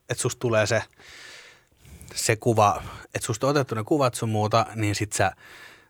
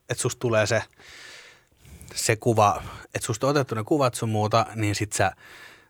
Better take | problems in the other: neither | none

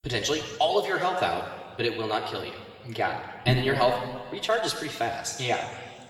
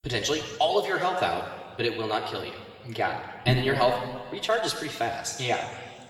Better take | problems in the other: neither | room echo; noticeable; dies away in 1.8 s; the same in both // off-mic speech; far; the same in both

